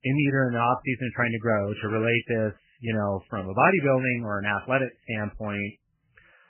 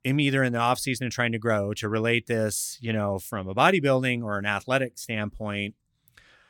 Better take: second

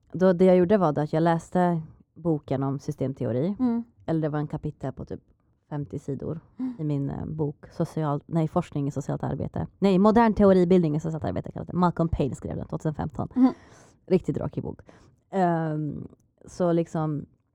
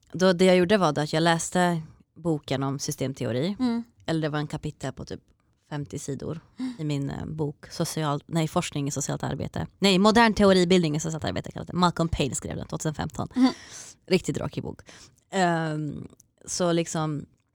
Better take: second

